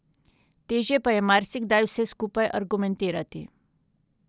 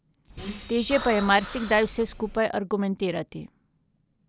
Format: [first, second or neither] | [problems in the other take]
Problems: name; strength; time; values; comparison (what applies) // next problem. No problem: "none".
first | background sound (Bus + Breathing); 11 dB below the speech